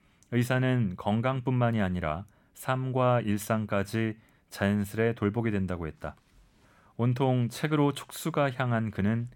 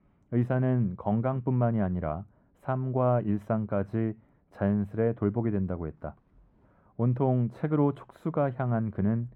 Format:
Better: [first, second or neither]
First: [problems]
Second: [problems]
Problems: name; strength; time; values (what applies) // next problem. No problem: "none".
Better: first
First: none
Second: muffled; very; fading above 2 kHz